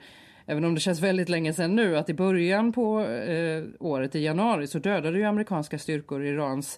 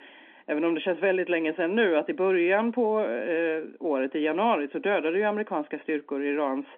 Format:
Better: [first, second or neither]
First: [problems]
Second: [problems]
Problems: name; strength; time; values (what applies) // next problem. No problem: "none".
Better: first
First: none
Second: phone-call audio; nothing above 3.5 kHz